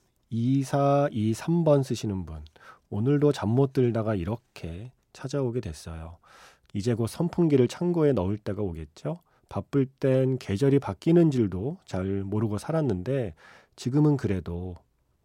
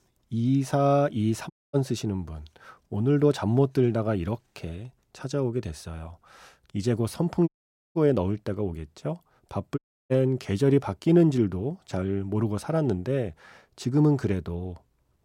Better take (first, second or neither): first